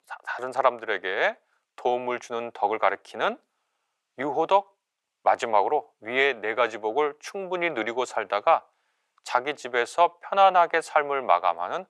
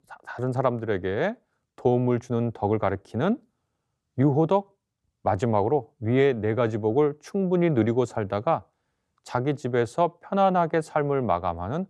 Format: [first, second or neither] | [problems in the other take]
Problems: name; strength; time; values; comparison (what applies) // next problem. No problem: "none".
second | thin; very; fading below 800 Hz